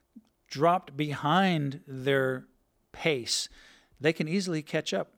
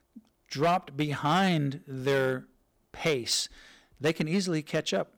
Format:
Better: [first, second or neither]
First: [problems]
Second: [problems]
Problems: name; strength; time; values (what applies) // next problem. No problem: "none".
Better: first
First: none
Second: distortion; slight; 5% of the sound clipped